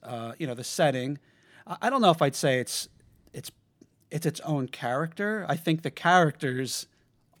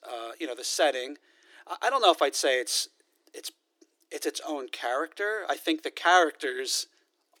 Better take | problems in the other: first | thin; very; fading below 300 Hz

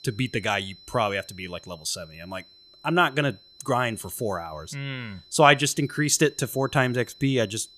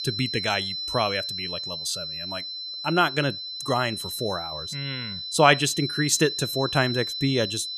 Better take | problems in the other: first | high-pitched whine; loud; throughout; 4 kHz, 5 dB below the speech; faint in the first

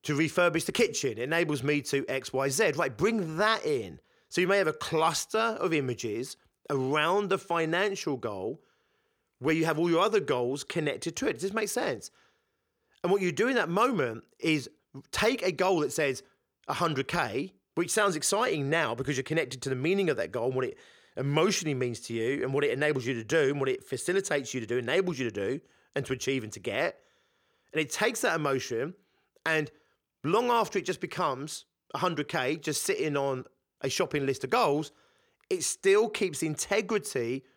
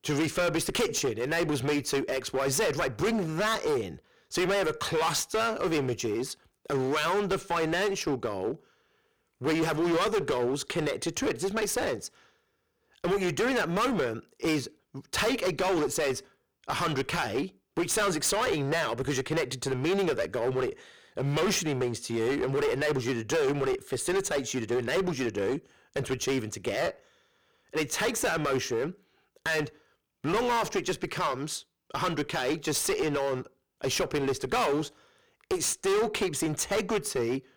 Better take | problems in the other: first | distortion; heavy; 15% of the sound clipped

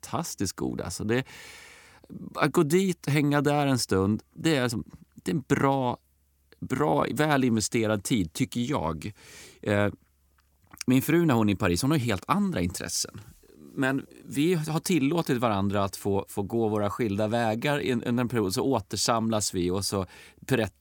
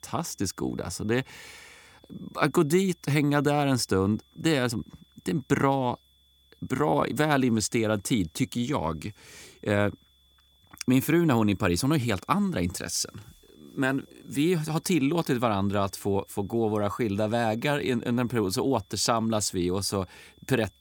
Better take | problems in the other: first | high-pitched whine; faint; throughout; 3.5 kHz, 35 dB below the speech

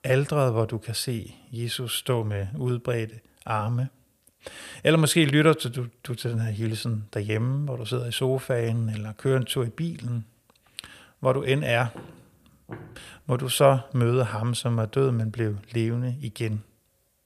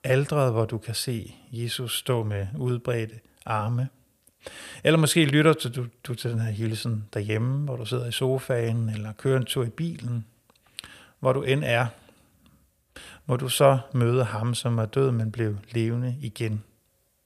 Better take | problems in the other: second | footsteps; faint; from 12 to 13 s; peak 15 dB below the speech

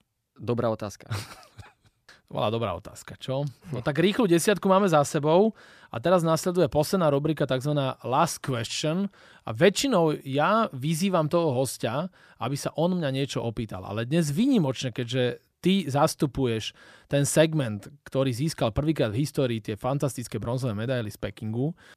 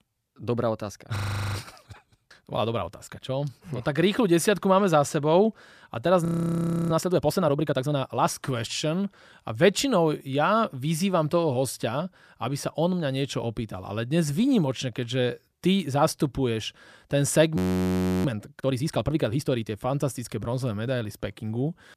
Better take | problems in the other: first | audio freezing; at 1 s, at 6.5 s for 0.5 s and at 18 s for 0.5 s

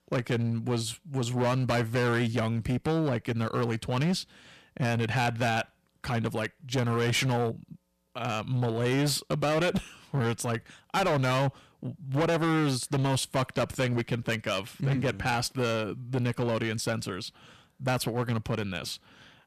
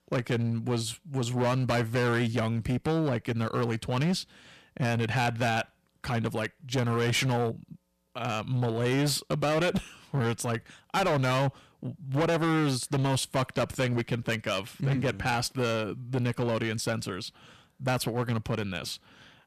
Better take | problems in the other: neither | distortion; heavy; 12% of the sound clipped; the same in both

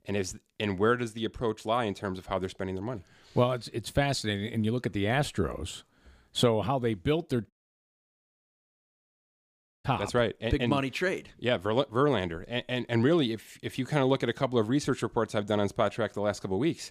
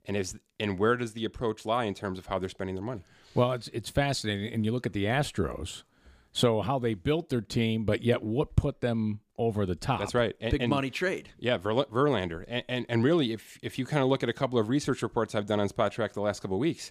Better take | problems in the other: second | audio cutting out; at 7.5 s for 2.5 s

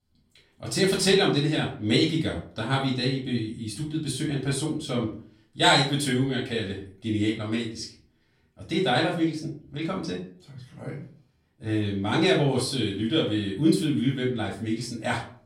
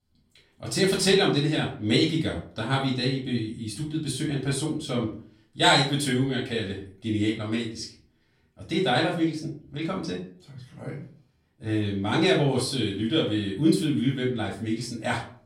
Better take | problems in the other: neither | off-mic speech; far; the same in both // room echo; slight; dies away in 0.4 s; the same in both

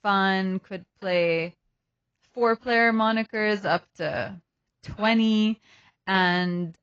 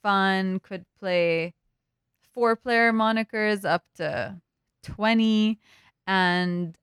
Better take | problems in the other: second | garbled, watery; badly

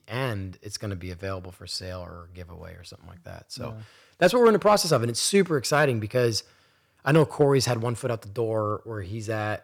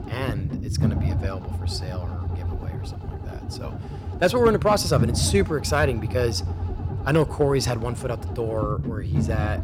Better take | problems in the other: first | low rumble; noticeable; throughout; 15 dB below the speech

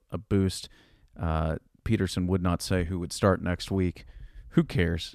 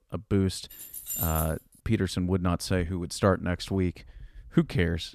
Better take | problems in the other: first | jangling keys; noticeable; at 0.5 s; peak 2 dB below the speech

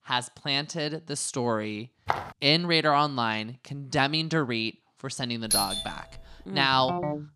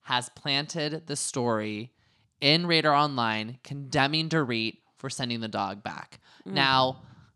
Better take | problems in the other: second | footsteps; noticeable; at 2 s; peak 5 dB below the speech // doorbell; loud; at 5.5 s; peak 2 dB above the speech // phone ringing; noticeable; at 7 s; peak 5 dB below the speech

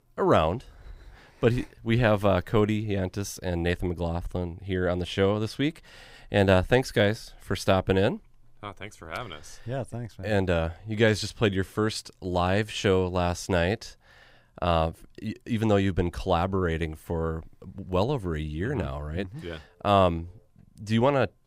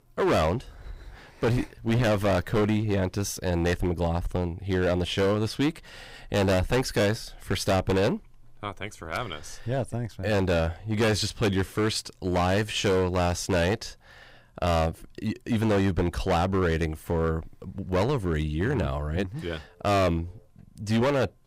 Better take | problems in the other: first | distortion; heavy; 11% of the sound clipped

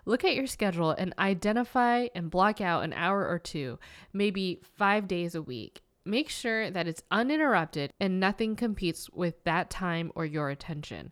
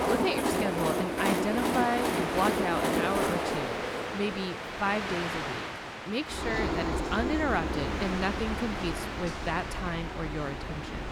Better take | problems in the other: first | train or aircraft noise; very loud; throughout; 1 dB above the speech

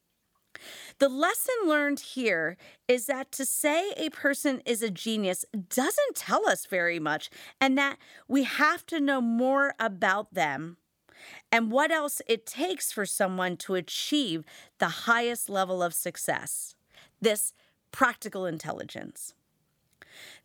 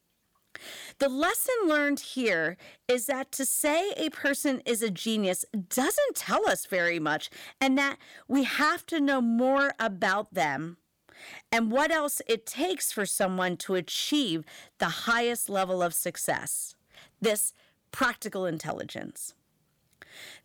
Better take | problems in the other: first | distortion; slight; 10 dB below the speech

